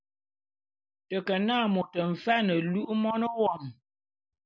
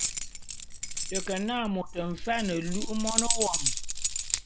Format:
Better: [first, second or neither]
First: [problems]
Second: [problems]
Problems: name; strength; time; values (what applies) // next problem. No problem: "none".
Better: first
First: none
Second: background sound (Keys jangling); 2 dB above the speech